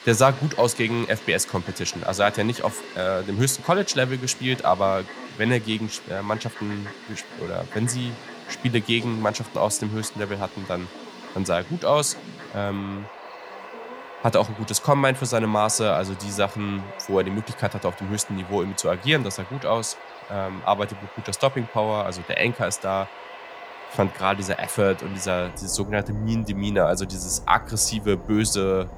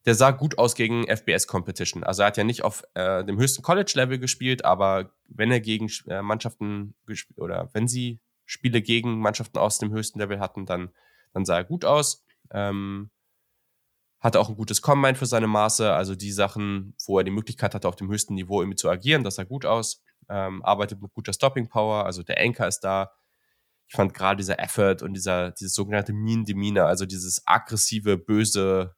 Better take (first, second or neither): second